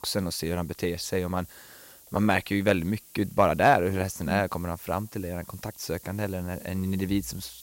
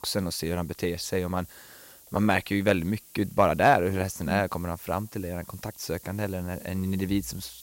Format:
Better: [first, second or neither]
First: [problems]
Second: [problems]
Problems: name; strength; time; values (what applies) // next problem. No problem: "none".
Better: neither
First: hiss; faint; throughout; 20 dB below the speech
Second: hiss; faint; throughout; 20 dB below the speech